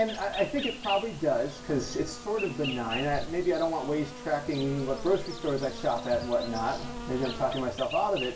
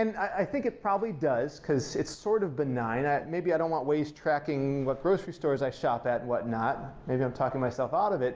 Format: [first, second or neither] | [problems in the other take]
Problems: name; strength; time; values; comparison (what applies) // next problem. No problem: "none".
second | background sound (Insect); 10 dB below the speech // room echo; dies away in 0.2 s